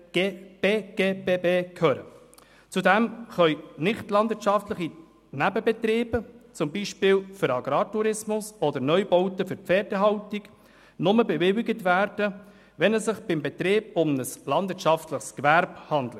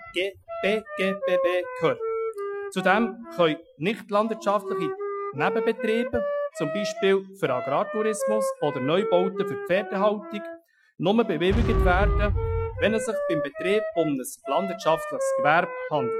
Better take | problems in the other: first | noise reduction (classical method Wiener filter)

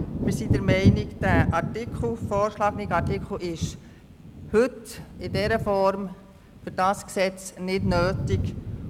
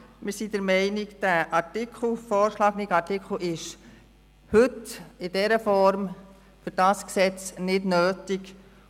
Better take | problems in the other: second | background sound (Thunder / Wind); 1 dB below the speech

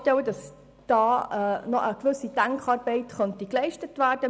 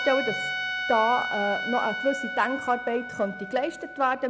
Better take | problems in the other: first | background sound (Trumpet); 5 dB below the speech

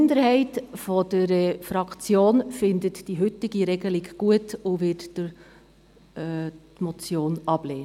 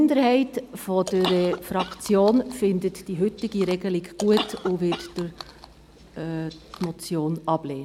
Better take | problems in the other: first | background sound (Chewing, mastication / Cough); 12 dB below the speech

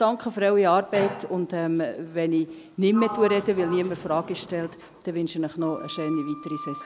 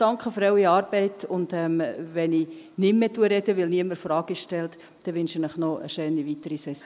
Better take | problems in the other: second | background sound (Sliding door); 14 dB below the speech

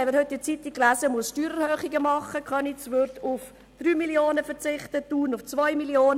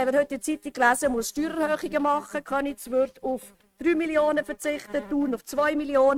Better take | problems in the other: first | noise reduction (neural mask model RNNoise)

